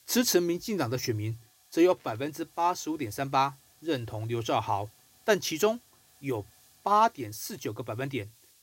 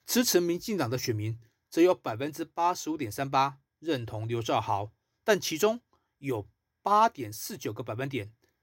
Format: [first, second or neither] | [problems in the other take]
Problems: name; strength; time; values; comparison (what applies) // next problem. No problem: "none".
second | hiss; faint; throughout; 30 dB below the speech